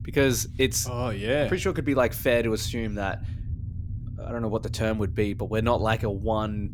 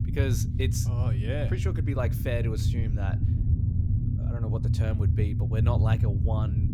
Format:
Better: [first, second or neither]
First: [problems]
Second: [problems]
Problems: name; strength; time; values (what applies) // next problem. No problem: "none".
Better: first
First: low rumble; faint; throughout; 20 dB below the speech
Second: low rumble; loud; throughout; 3 dB below the speech